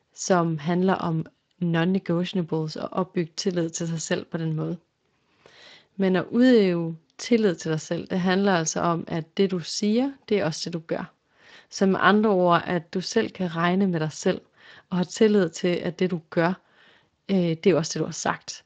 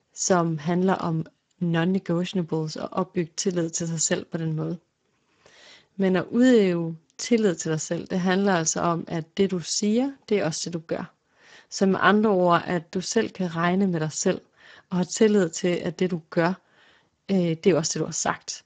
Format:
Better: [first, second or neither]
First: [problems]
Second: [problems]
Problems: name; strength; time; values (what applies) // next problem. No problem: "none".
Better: first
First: garbled, watery; slightly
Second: garbled, watery; badly; nothing above 7.5 kHz